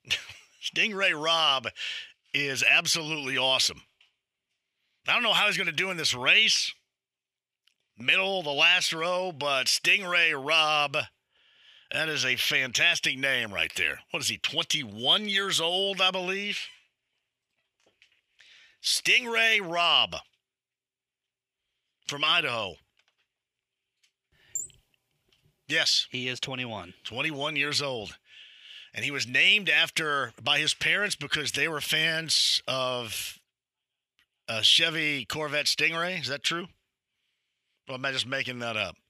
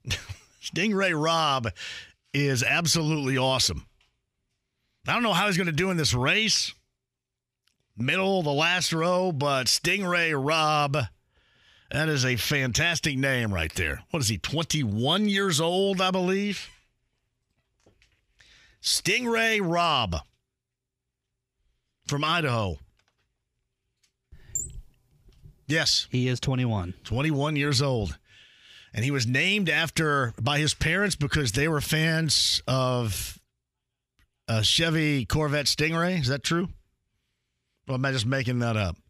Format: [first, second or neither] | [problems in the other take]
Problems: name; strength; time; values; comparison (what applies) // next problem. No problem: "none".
second | thin; somewhat; fading below 550 Hz